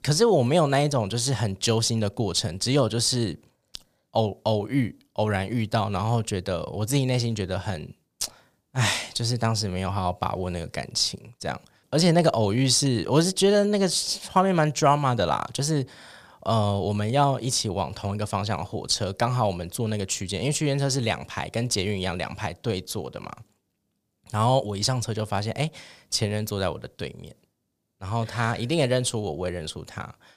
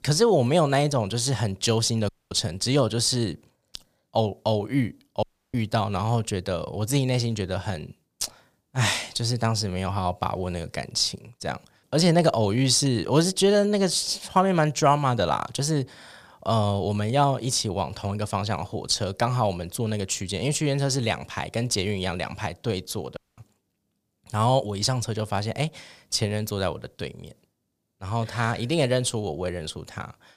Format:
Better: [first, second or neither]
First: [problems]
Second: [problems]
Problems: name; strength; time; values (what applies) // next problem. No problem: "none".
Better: first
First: none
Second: audio cutting out; at 2 s, at 5 s and at 23 s